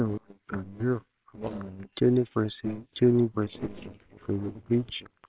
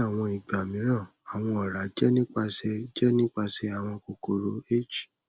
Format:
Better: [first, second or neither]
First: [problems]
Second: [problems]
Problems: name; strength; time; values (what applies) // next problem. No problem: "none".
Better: second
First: noise reduction (neural separator model SepFormer WHAMR!)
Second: none